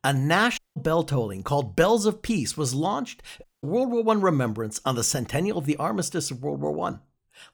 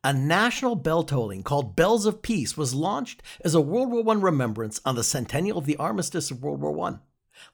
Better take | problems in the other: second | audio cutting out; at 0.5 s and at 3.5 s

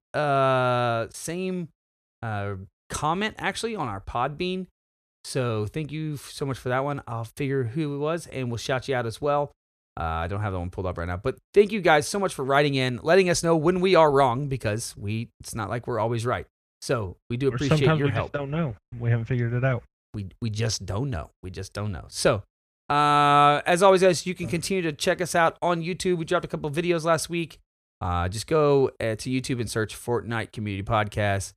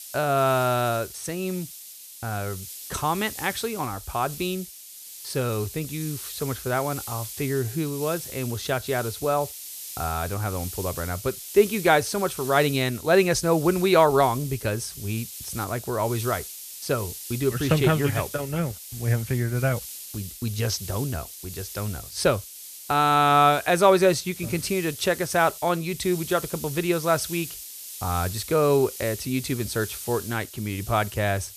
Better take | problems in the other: first | hiss; noticeable; throughout; 10 dB below the speech

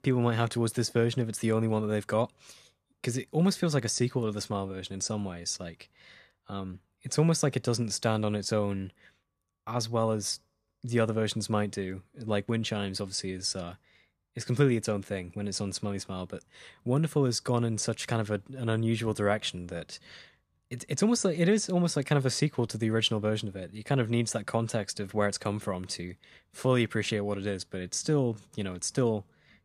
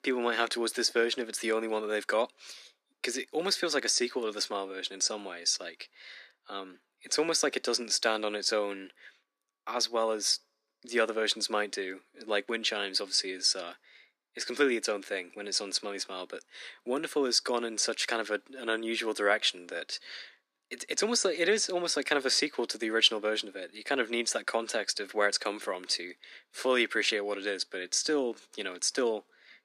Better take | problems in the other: first | thin; somewhat; fading below 300 Hz

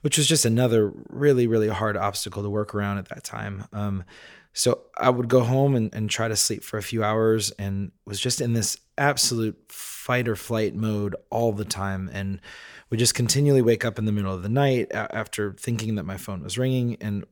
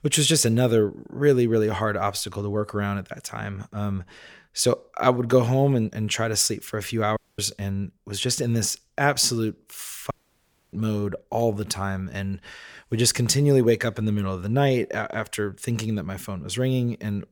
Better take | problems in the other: first | audio cutting out; at 7 s and at 10 s for 0.5 s

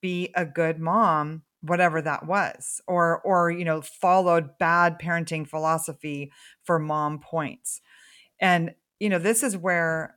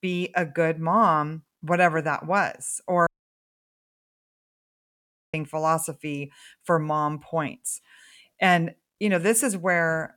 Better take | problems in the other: first | audio cutting out; at 3 s for 2.5 s

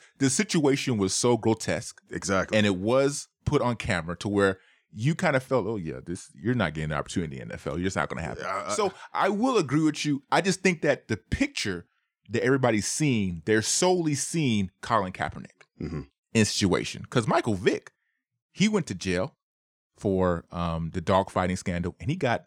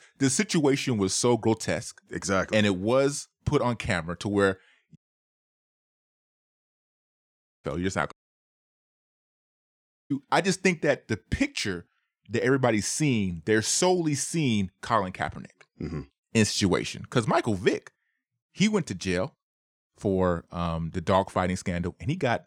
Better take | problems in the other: first | audio cutting out; at 5 s for 2.5 s and at 8 s for 2 s

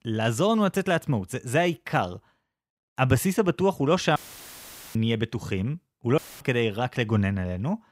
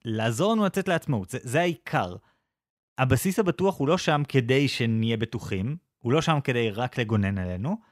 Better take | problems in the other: second | audio cutting out; filled with static; at 4 s for 1 s and at 6 s

